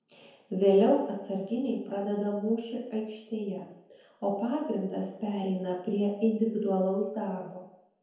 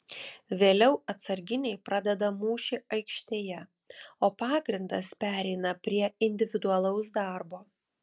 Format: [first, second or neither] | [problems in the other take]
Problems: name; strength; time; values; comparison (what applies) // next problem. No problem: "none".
second | room echo; dies away in 0.9 s